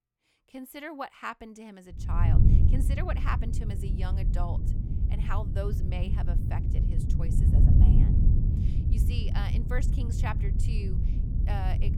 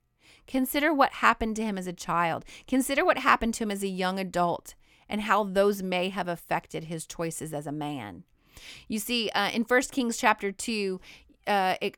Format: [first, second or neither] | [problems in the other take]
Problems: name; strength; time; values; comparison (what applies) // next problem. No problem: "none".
second | wind noise on the microphone; heavy; from 2 s on; 2 dB below the speech